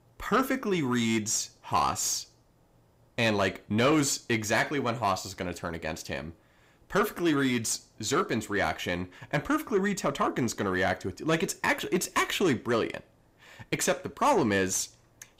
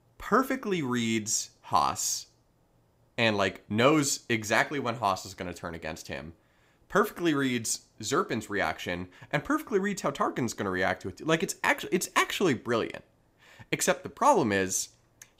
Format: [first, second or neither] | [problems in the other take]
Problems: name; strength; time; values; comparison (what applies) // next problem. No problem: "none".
second | distortion; slight; 10 dB below the speech